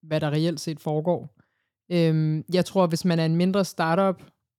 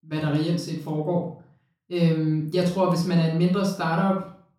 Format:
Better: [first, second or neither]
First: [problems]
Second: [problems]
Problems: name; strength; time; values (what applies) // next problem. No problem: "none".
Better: first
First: none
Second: off-mic speech; far // room echo; noticeable; dies away in 0.4 s